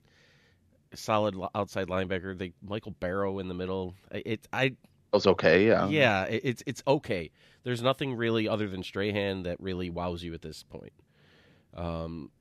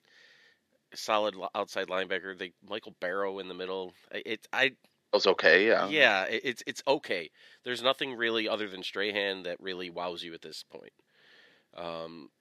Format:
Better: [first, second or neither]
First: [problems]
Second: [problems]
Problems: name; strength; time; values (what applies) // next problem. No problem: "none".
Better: first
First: none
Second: thin; somewhat; fading below 350 Hz